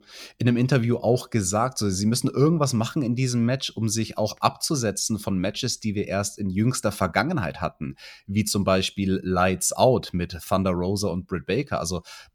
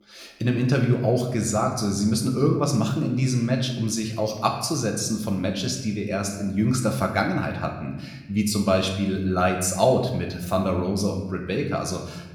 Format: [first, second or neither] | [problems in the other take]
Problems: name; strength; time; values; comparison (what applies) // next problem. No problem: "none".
first | room echo; slight; dies away in 0.9 s